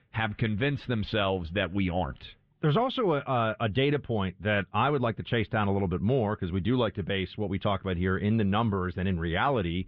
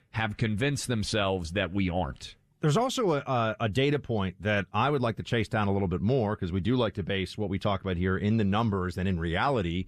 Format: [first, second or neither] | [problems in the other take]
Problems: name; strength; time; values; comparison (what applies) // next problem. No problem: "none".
second | muffled; very; fading above 3.5 kHz